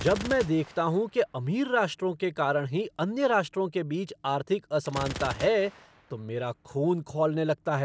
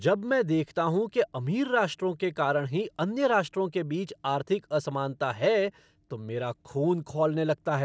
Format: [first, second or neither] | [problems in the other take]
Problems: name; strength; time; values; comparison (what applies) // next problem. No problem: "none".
second | background sound (Gunshot, gunfire); 17 dB below the speech